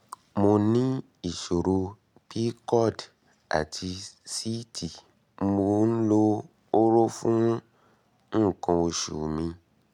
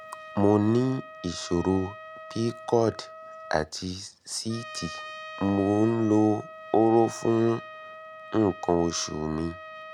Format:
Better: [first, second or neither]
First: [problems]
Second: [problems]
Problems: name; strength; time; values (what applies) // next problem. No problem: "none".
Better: first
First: none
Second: background sound (Trumpet); 16 dB below the speech